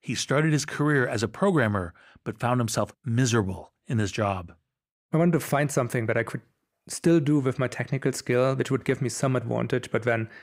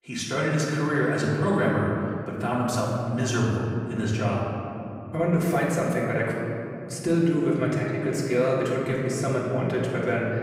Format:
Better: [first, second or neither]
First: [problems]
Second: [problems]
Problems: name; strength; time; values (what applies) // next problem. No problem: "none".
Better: first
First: none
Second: room echo; noticeable; dies away in 2.6 s // off-mic speech; far